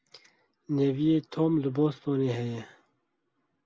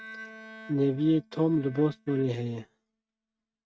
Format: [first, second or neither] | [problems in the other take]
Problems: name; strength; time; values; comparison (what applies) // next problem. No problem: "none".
first | noise reduction (neural mask model RNNoise)